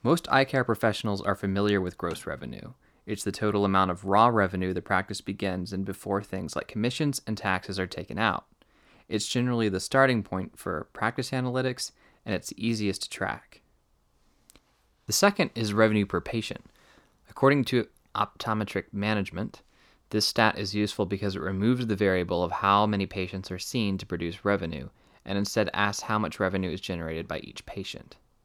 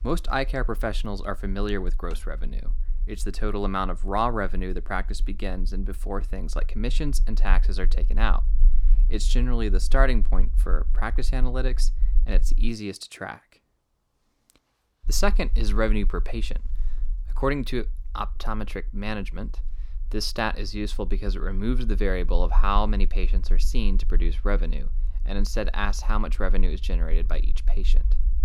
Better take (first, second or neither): first